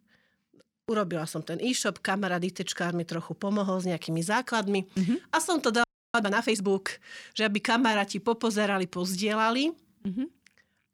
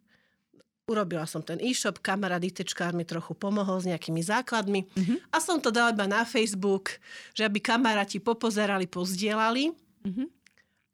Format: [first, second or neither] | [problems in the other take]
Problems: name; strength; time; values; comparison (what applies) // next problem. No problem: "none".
second | audio freezing; at 6 s